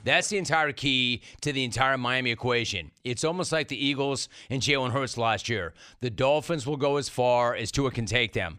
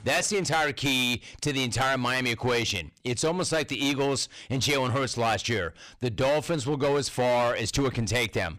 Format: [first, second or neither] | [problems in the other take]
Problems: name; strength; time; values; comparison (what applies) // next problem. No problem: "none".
first | distortion; heavy; 12% of the sound clipped